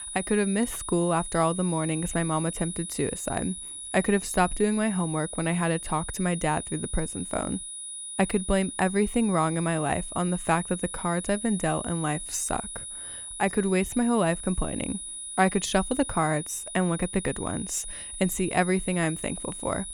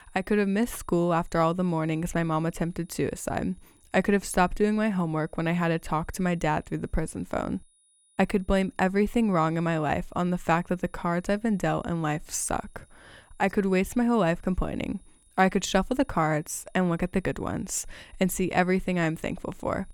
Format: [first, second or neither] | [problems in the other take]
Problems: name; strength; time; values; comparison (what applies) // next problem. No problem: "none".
second | high-pitched whine; loud; throughout; 9.5 kHz, 8 dB below the speech; faint in the second